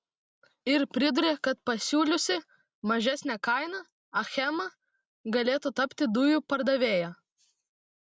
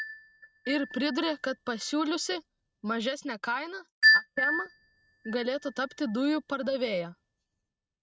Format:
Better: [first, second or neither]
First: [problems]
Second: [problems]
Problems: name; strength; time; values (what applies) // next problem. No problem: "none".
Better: first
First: none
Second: noise reduction (neural mask model RNNoise)